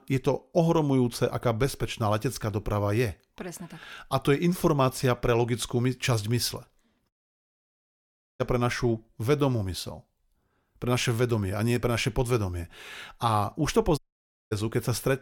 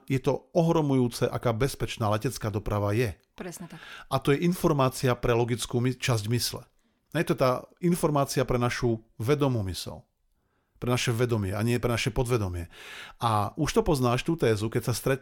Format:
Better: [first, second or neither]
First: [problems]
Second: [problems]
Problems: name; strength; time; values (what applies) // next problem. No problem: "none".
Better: second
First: audio cutting out; at 7 s for 1.5 s and at 14 s for 0.5 s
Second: none